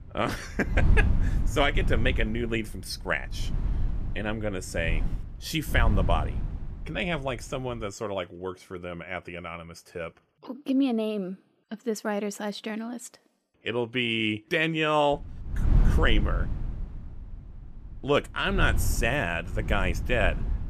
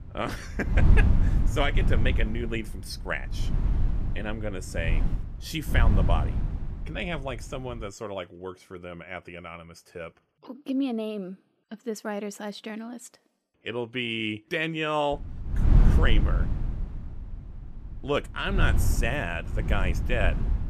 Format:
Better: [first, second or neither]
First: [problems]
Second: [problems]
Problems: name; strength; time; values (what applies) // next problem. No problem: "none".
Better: first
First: wind noise on the microphone; occasional gusts; until 8 s and from 15 s on; 15 dB below the speech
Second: wind noise on the microphone; heavy; until 8 s and from 15 s on; 9 dB below the speech